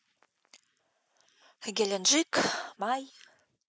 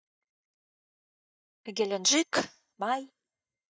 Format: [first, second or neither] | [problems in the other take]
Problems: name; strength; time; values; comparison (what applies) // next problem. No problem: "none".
first | noise reduction (neural mask model DeepFilterNet 3)